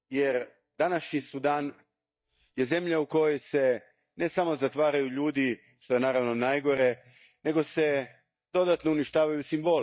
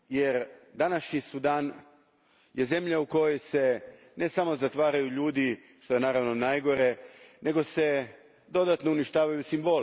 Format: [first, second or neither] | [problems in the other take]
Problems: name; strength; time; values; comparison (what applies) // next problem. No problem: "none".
second | noise reduction (neural mask model DeepFilterNet 3)